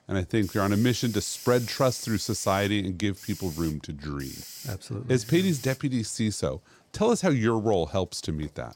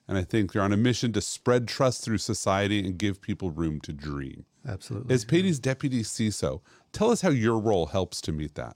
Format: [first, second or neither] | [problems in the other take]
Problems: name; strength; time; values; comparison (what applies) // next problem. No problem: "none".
second | hiss; noticeable; throughout; 15 dB below the speech